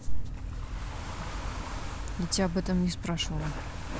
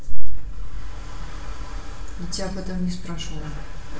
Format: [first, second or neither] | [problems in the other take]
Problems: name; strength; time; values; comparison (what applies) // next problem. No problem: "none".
first | room echo; dies away in 0.8 s